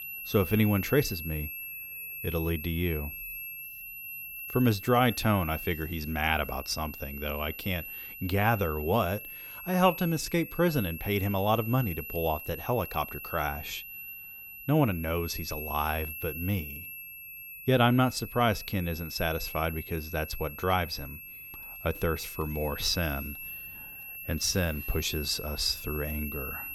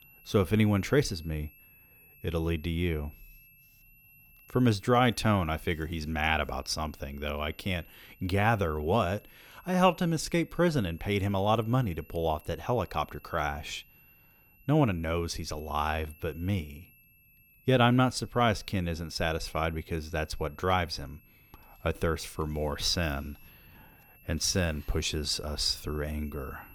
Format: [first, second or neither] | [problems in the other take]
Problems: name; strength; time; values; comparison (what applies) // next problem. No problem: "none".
second | high-pitched whine; loud; throughout; 2.5 kHz, 9 dB below the speech; faint in the second